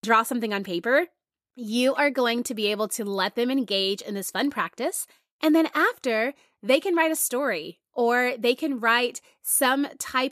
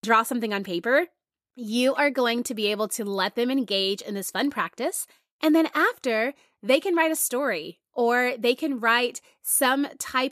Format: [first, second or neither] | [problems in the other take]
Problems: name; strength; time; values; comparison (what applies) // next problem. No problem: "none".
neither | none